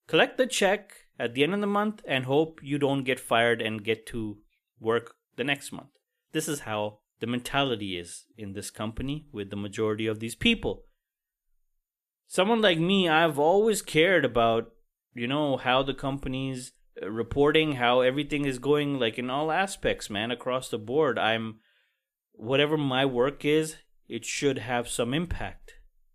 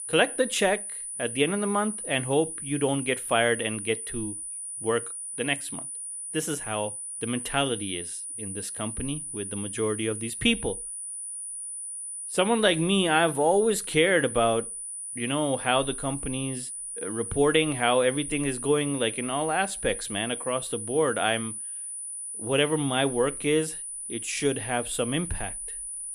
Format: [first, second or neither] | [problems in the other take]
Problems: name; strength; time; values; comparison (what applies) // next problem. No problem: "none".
first | high-pitched whine; loud; throughout; 9.5 kHz, 7 dB below the speech